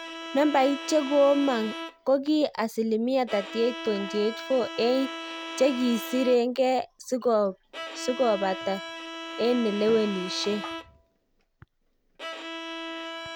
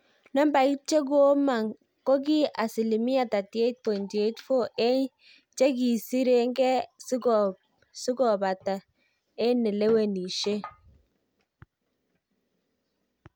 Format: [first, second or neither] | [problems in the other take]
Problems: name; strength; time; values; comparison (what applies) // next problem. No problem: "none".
second | background sound (Bowed string instrument); 11 dB below the speech